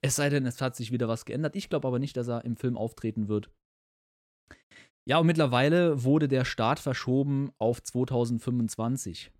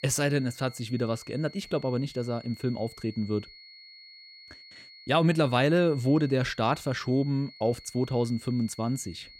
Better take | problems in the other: first | high-pitched whine; noticeable; throughout; 4.5 kHz, 20 dB below the speech

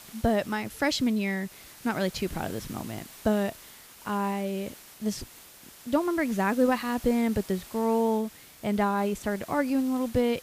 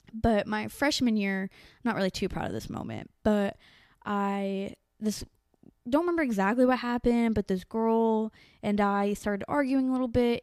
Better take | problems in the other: second | hiss; noticeable; throughout; 20 dB below the speech

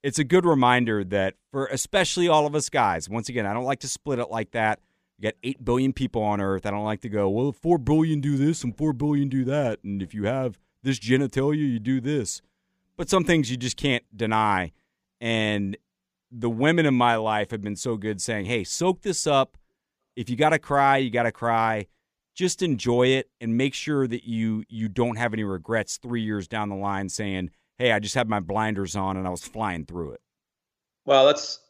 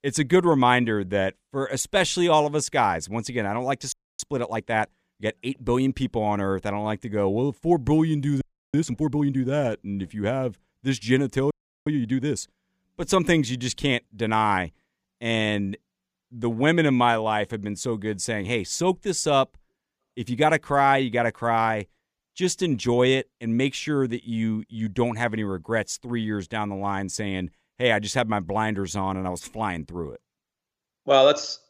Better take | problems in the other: first | audio freezing; at 4 s, at 8.5 s and at 12 s

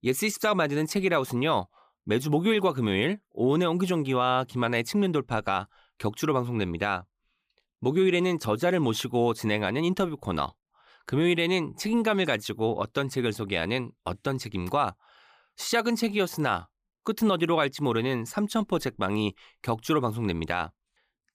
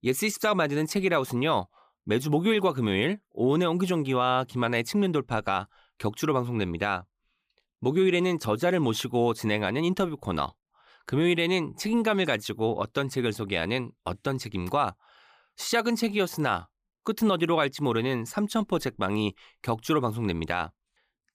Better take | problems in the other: neither | none

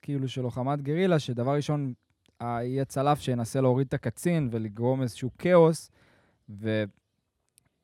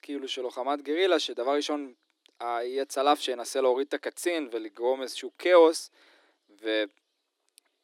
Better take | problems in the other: first | thin; somewhat; fading below 300 Hz

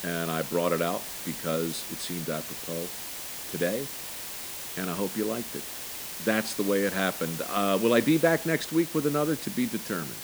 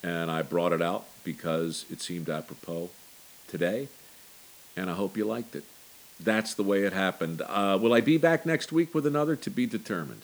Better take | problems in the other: second | hiss; loud; throughout; 6 dB below the speech; faint in the second

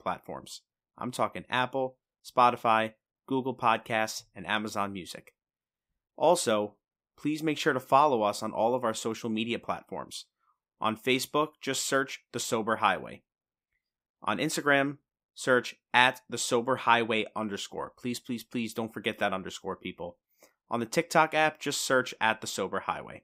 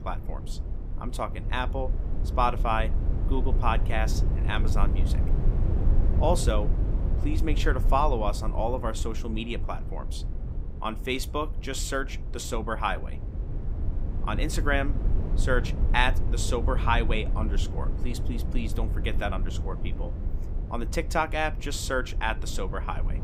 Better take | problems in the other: first | low rumble; noticeable; throughout; 15 dB below the speech

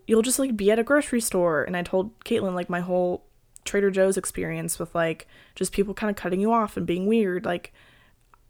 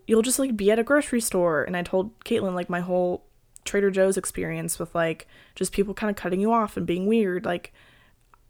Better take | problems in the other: neither | none

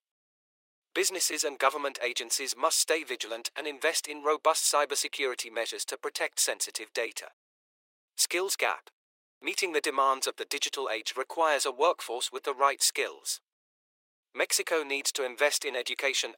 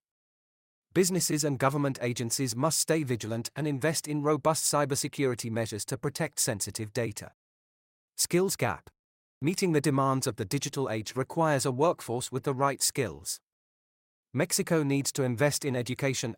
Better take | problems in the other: second | thin; very; fading below 400 Hz

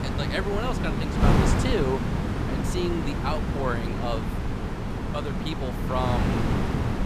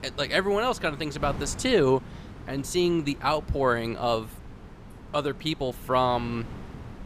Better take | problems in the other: second | wind noise on the microphone; heavy; 1 dB below the speech; occasional gusts in the second

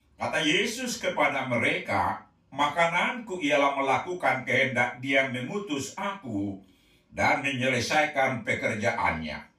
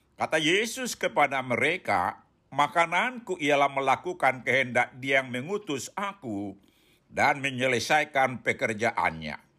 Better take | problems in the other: second | room echo; slight; dies away in 0.2 s // off-mic speech; far

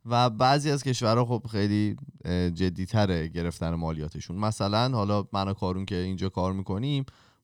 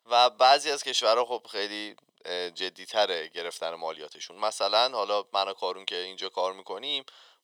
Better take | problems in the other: first | thin; very; fading below 500 Hz

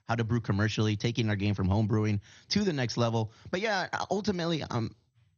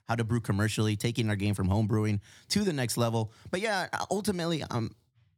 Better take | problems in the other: second | garbled, watery; slightly; nothing above 6.5 kHz

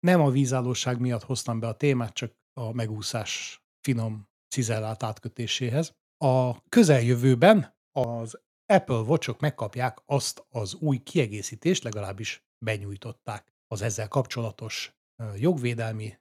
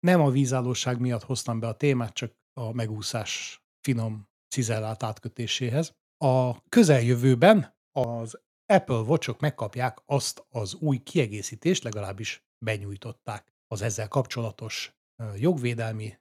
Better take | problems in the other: neither | none

